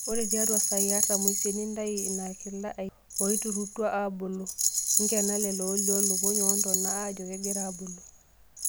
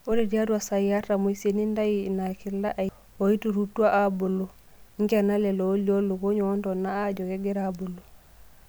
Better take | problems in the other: second | background sound (Rattle); 2 dB above the speech

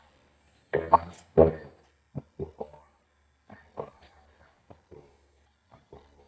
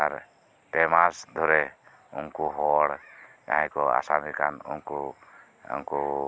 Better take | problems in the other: second | noise reduction (neural mask model DeepFilterNet 3)

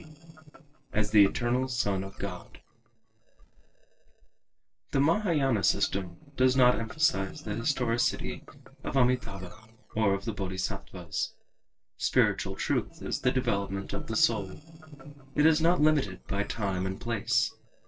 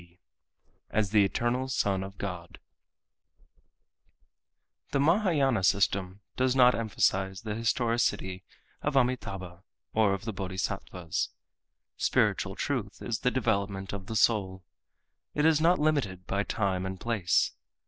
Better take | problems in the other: second | noise reduction (neural separator model SepFormer DNS4)

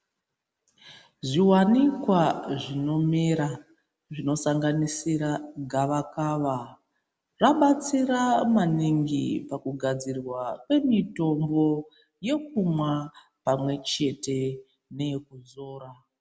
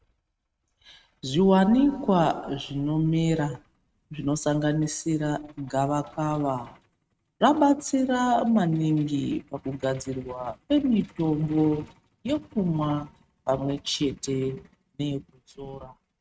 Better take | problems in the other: first | noise reduction (neural mask model RNNoise)

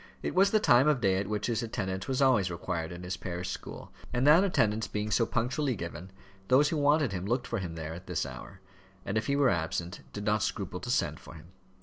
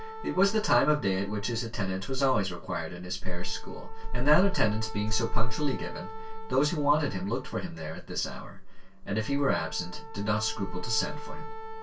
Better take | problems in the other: first | background sound (Wind instrument, woodwind instrument); 19 dB below the speech // room echo; dies away in 0.2 s

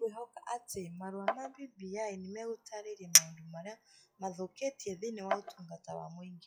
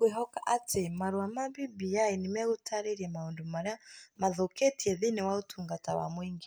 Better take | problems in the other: second | noise reduction (classical method log-MMSE)

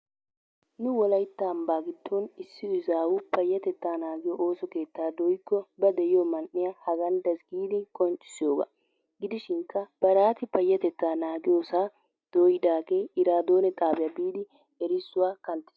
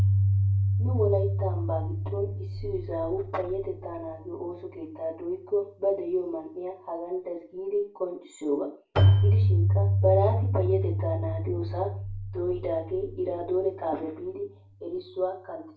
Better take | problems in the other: first | background sound (Keyboard (musical)); 3 dB above the speech // room echo; dies away in 0.3 s

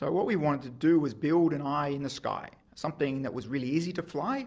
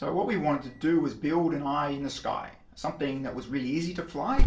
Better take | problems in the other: first | background sound (Alarm); 2 dB below the speech // room echo; dies away in 0.3 s

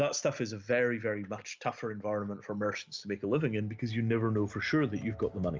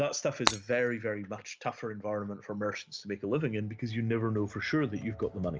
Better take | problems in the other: first | background sound (Shatter); 2 dB below the speech

